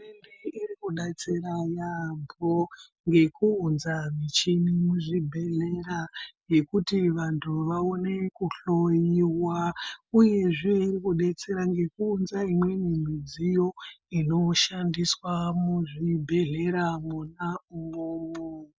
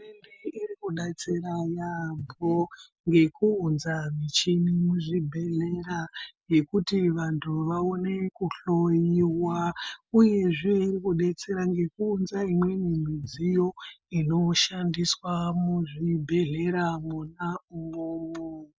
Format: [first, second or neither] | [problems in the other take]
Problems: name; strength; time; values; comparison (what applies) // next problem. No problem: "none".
first | background sound (Breathing); 16 dB below the speech